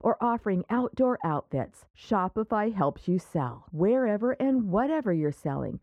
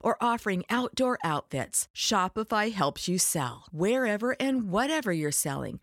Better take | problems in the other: second | muffled; very; fading above 2.5 kHz

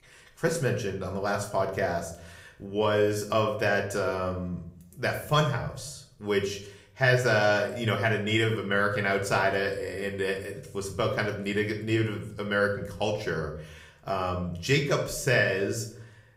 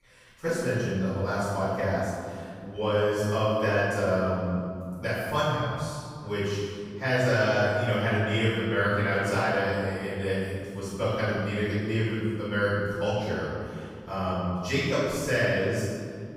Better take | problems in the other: first | room echo; strong; dies away in 2.2 s; slight in the first // off-mic speech; far; somewhat distant in the first

